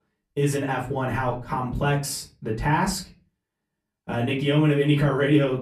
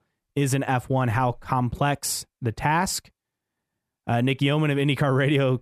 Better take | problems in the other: second | off-mic speech; far // room echo; very slight; dies away in 0.3 s

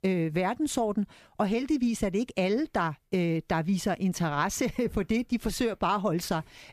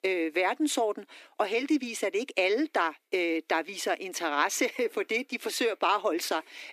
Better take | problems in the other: first | thin; somewhat; fading below 300 Hz

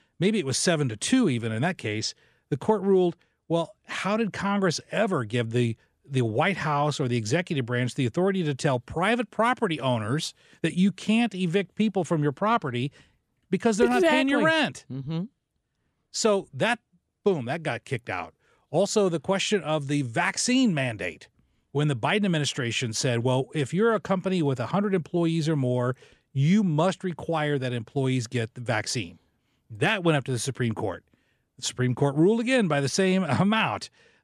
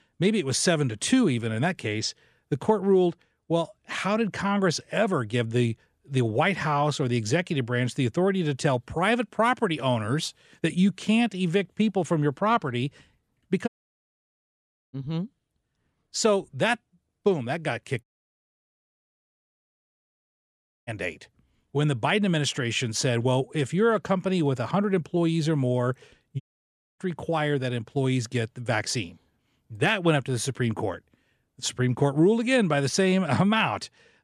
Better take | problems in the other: first | audio cutting out; at 14 s for 1.5 s, at 18 s for 3 s and at 26 s for 0.5 s

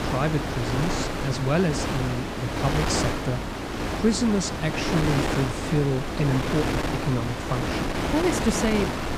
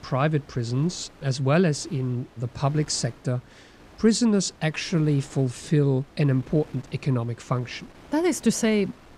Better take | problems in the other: second | wind noise on the microphone; heavy; 2 dB above the speech; occasional gusts in the second

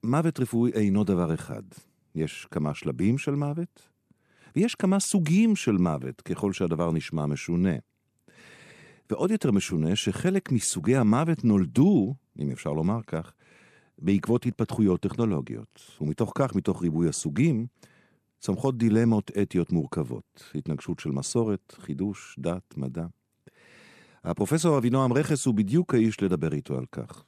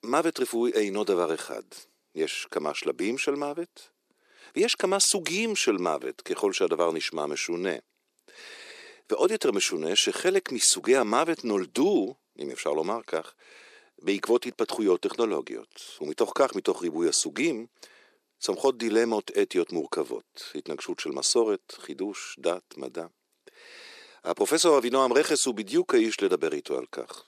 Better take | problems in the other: first | thin; very; fading below 350 Hz

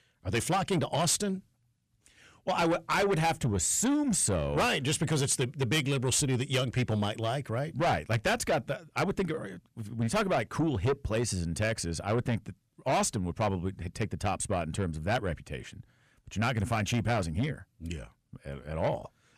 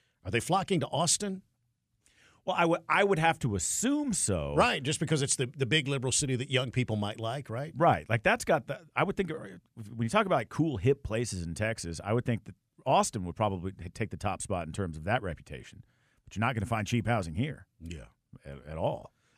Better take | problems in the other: second | distortion; heavy; 7 dB below the speech

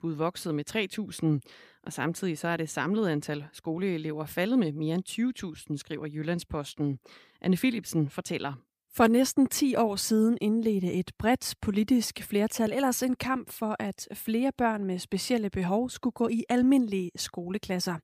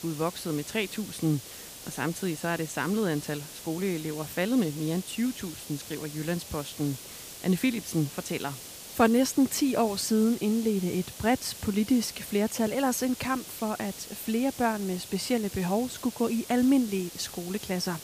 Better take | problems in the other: first | hiss; noticeable; throughout; 10 dB below the speech

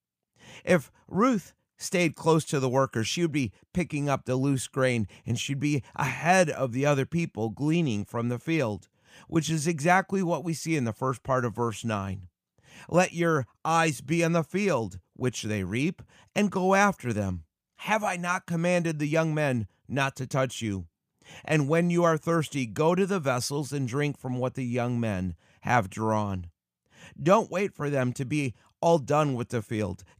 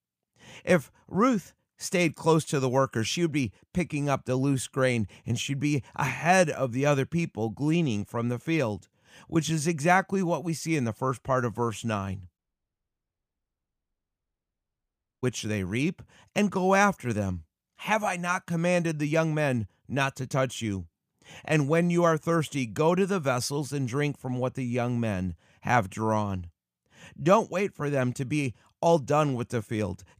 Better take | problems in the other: first | audio cutting out; at 12 s for 3 s

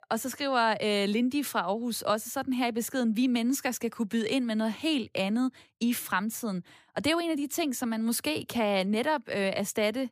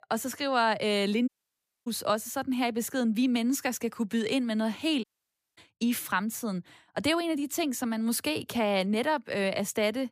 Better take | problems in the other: first | audio cutting out; at 1.5 s for 0.5 s and at 5 s for 0.5 s

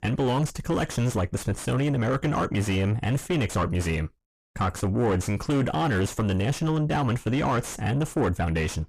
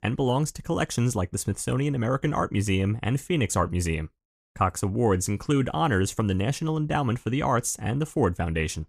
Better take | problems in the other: second | distortion; heavy; 5 dB below the speech

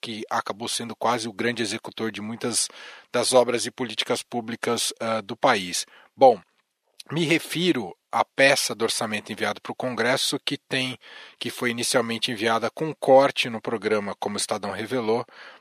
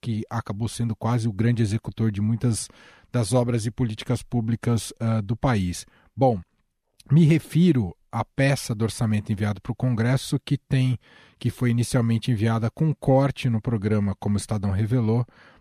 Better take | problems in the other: second | thin; very; fading below 500 Hz

